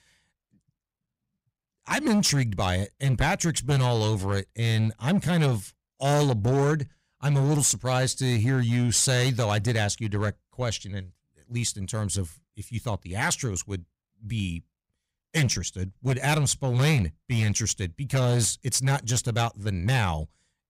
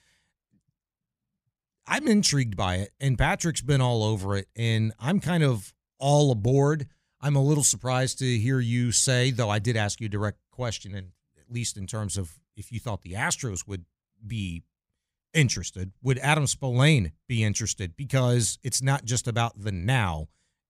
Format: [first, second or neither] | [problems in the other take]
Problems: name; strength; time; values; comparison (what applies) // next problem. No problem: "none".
second | distortion; slight; 8% of the sound clipped